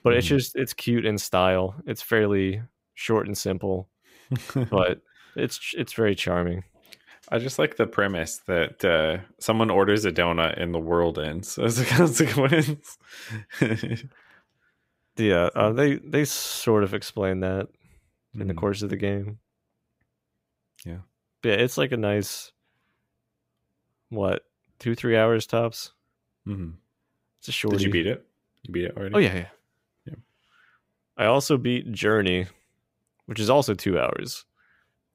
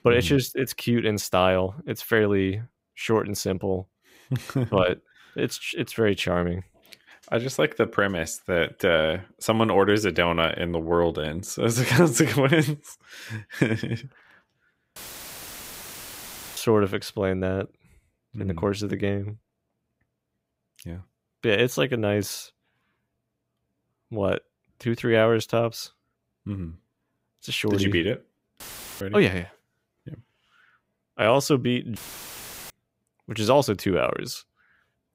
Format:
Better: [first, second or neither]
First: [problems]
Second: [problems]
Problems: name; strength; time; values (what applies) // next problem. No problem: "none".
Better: first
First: none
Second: audio cutting out; filled with static; at 15 s for 1.5 s, at 29 s and at 32 s for 0.5 s